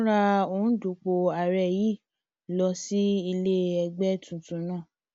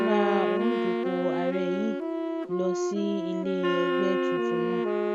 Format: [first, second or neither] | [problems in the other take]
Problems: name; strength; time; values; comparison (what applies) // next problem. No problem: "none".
first | background sound (Wind instrument, woodwind instrument + Wind instrument, woodwind instrument); 4 dB above the speech